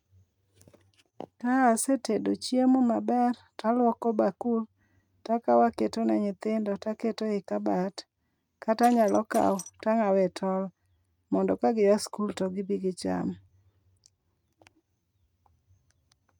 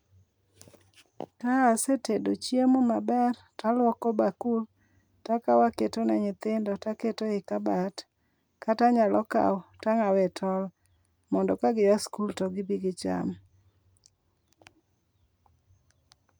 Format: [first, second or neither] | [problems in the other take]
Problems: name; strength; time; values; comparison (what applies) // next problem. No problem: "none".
second | noise reduction (neural mask model RNNoise)